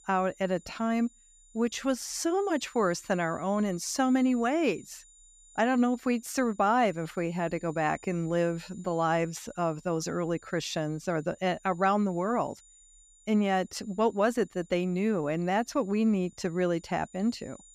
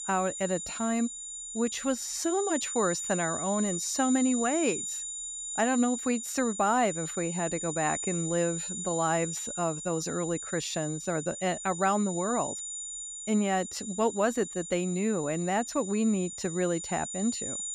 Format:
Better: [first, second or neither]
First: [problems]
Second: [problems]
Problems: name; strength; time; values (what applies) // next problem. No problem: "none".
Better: first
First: high-pitched whine; faint; throughout; 7 kHz, 25 dB below the speech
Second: high-pitched whine; loud; throughout; 7 kHz, 5 dB below the speech